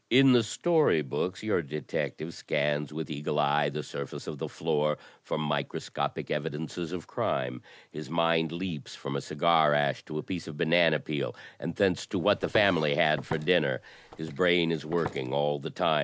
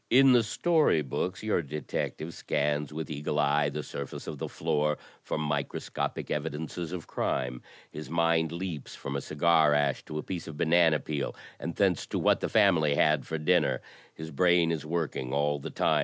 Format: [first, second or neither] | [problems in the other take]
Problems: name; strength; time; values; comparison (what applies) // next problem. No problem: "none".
second | background sound (Walk, footsteps); 14 dB below the speech